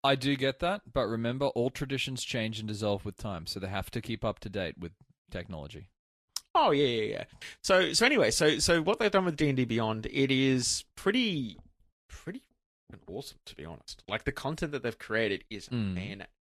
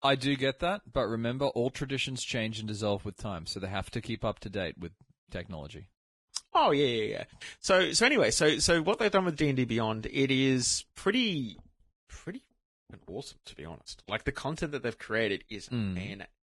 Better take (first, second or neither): first